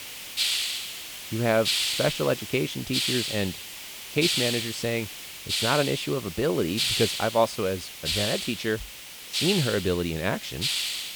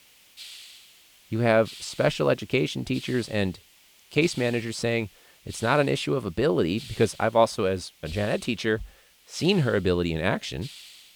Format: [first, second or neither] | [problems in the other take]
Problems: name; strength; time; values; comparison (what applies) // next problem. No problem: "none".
second | hiss; loud; throughout; 1 dB below the speech; faint in the second